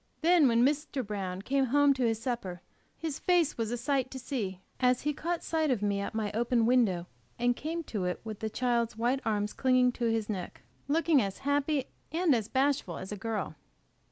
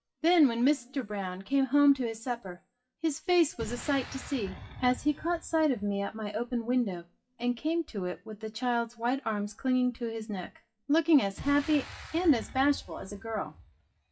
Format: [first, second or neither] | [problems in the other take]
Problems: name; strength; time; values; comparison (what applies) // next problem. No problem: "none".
first | noise reduction (classical method WPE with log-MMSE)